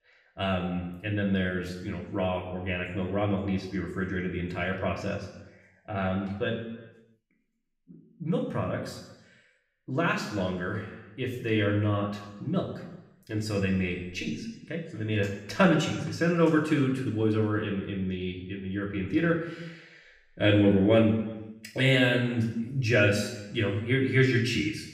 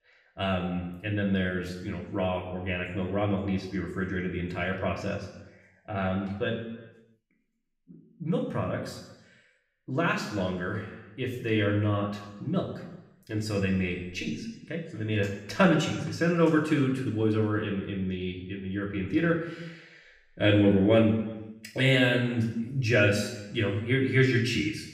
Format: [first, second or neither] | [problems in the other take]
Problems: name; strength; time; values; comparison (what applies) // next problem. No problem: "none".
neither | room echo; noticeable; dies away in 0.9 s; the same in both // off-mic speech; far; the same in both